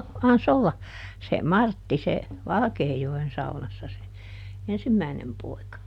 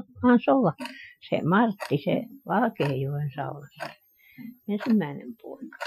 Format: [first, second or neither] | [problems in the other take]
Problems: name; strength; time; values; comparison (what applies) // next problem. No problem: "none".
first | noise reduction (classical method Wiener filter)